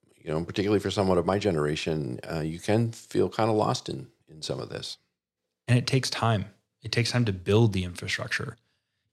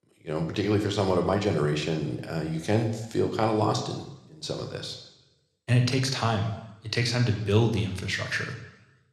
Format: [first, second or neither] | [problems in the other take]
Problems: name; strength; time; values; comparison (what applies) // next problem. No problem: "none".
first | room echo; slight; dies away in 0.9 s